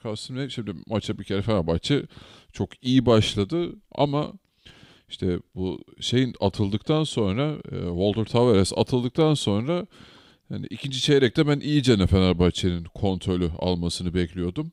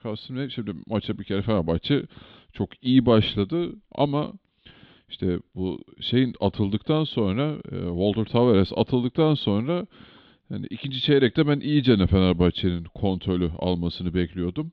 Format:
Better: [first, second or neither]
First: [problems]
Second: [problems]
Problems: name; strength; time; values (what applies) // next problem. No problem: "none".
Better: first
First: none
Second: muffled; slightly; fading above 3.5 kHz